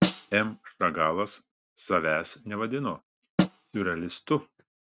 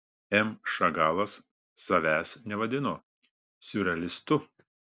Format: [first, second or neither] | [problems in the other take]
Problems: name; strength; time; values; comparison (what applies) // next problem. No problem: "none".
second | noise reduction (neural mask model RNNoise)